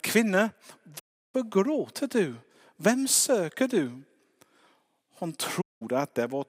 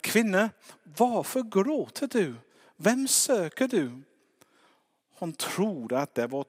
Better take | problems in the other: second | audio cutting out; at 1 s and at 5.5 s

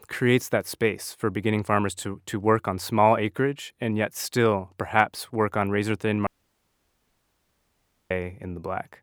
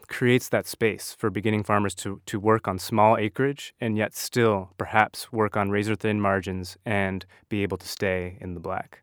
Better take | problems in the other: second | audio cutting out; at 6.5 s for 2 s

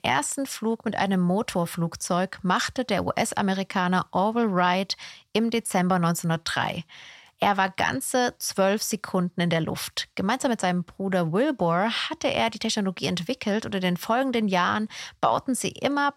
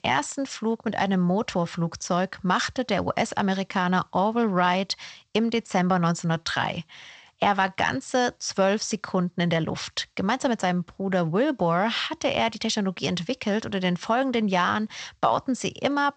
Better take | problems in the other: first | garbled, watery; slightly; nothing above 8 kHz

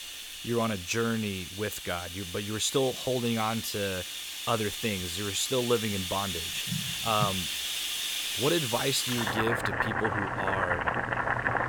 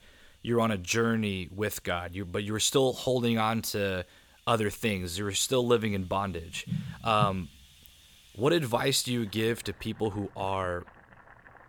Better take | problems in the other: second | household noises; loud; throughout; 1 dB below the speech; faint in the second

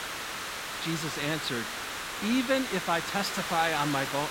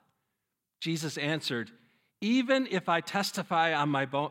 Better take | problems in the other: second | hiss; loud; throughout; 4 dB below the speech

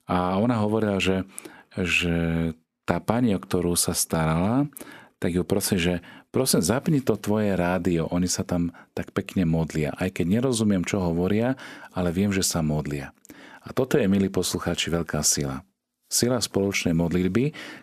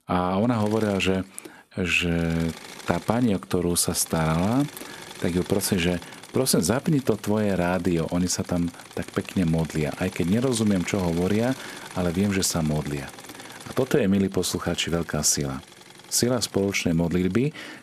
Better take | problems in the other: first | machinery noise; noticeable; throughout; 15 dB below the speech

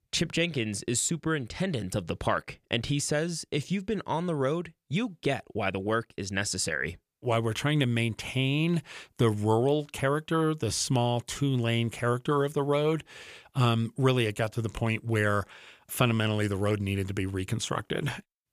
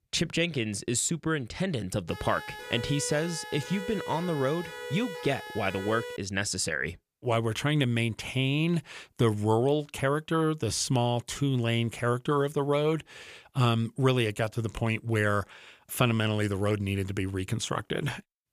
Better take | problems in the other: first | siren; noticeable; from 2 to 6 s; peak 9 dB below the speech

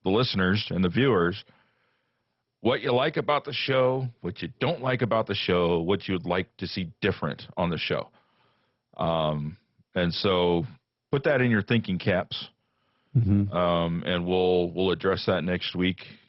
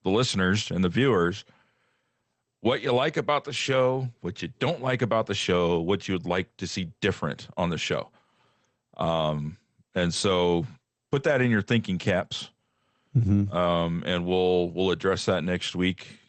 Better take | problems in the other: second | garbled, watery; badly; nothing above 5.5 kHz; slightly in the second

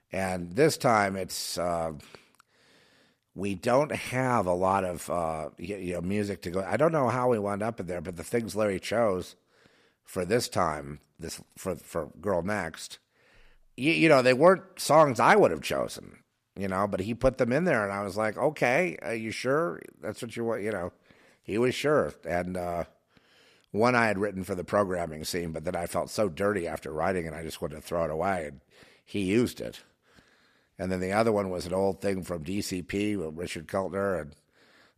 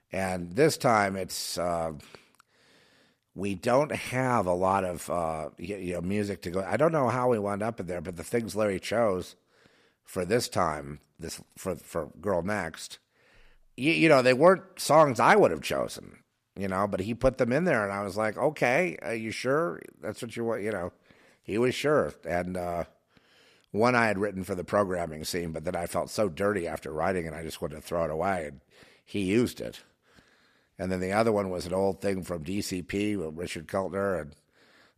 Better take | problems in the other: neither | none

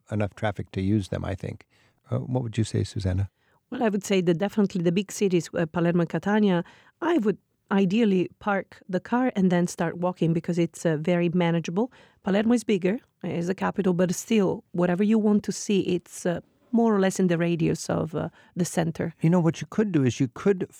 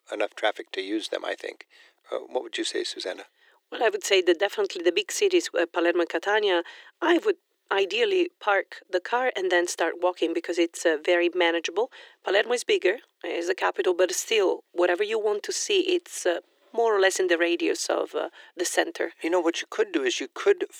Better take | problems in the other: first | thin; very; fading below 350 Hz

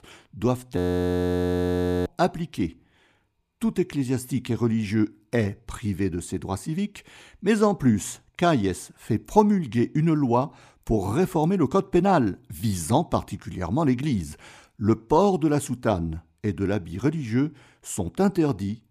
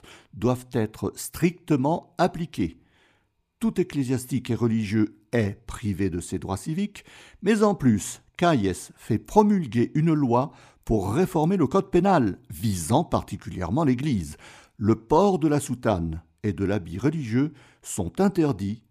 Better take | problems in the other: second | audio freezing; at 1 s for 1.5 s

